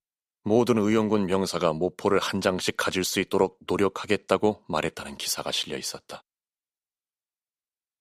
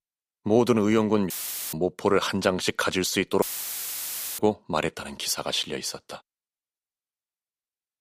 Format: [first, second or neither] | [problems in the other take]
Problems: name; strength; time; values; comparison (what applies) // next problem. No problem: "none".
first | audio cutting out; filled with static; at 1.5 s and at 3.5 s for 1 s